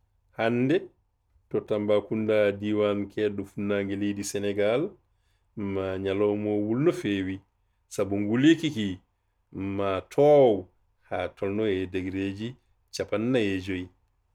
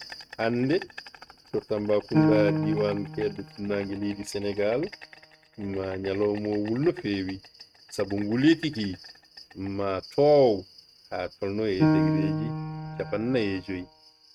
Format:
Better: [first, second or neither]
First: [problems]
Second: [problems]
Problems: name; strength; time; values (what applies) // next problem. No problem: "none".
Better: first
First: none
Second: noise reduction (neural mask model RNNoise)